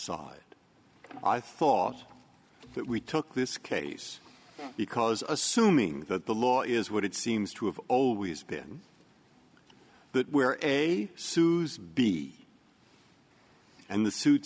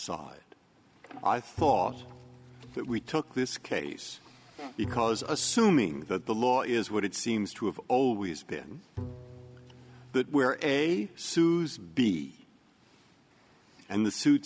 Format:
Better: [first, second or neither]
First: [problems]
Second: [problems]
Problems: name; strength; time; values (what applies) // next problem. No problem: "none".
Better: first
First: none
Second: background sound (Bowed string instrument); 17 dB below the speech